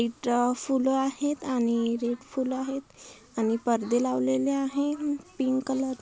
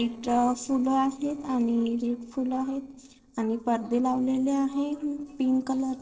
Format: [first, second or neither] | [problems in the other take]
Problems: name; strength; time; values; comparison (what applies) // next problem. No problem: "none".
first | noise reduction (neural separator model SepFormer DNS4)